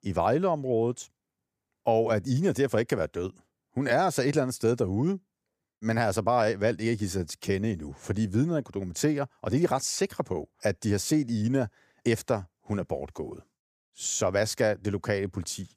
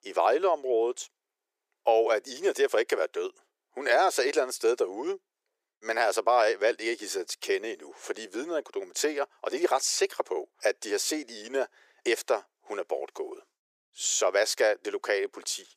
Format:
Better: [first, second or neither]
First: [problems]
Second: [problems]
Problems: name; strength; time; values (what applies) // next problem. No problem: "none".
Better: first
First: none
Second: thin; very; fading below 350 Hz